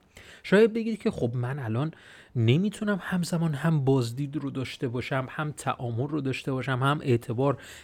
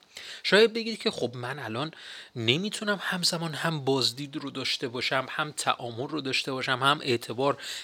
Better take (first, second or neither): first